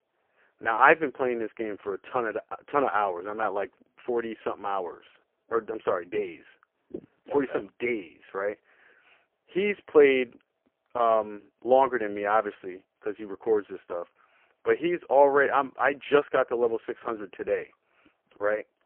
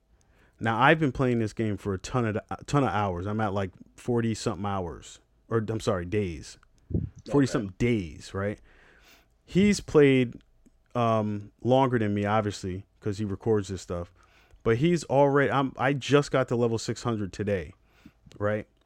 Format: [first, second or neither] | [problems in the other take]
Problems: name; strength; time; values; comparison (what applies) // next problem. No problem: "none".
second | phone-call audio; poor line; nothing above 3 kHz